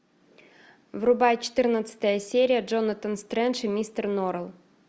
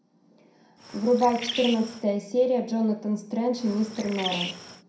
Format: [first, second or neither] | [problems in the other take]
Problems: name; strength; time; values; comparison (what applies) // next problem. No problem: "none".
first | background sound (Bird); 10 dB below the speech // room echo; dies away in 0.5 s